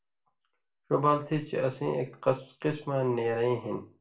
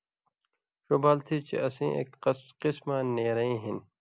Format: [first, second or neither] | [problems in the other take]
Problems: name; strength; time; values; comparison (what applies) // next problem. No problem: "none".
second | room echo; dies away in 0.3 s